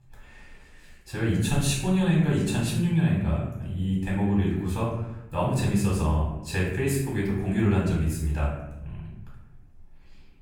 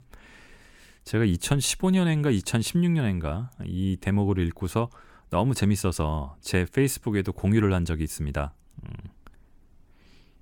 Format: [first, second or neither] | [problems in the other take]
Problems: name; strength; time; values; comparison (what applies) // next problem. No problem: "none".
second | off-mic speech; far // room echo; noticeable; dies away in 0.8 s